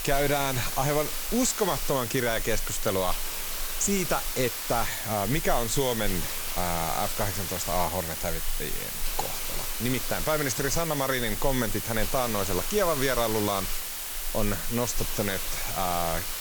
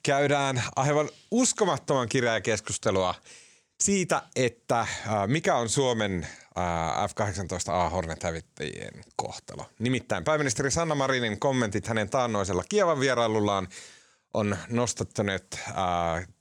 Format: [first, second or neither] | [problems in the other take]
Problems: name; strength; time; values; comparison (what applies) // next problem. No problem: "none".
second | hiss; loud; throughout; 2 dB below the speech